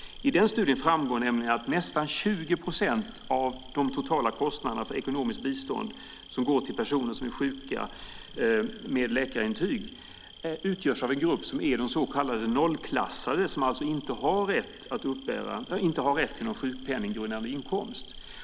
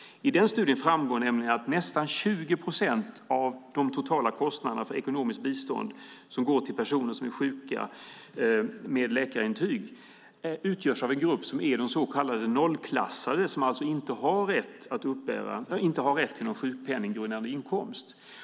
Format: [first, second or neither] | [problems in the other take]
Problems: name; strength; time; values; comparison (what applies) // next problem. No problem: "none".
second | background sound (Insect); 16 dB below the speech